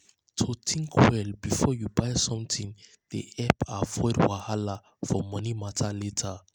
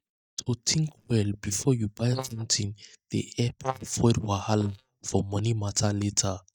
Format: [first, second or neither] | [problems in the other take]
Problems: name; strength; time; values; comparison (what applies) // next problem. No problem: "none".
first | noise reduction (neural mask model DeepFilterNet 3)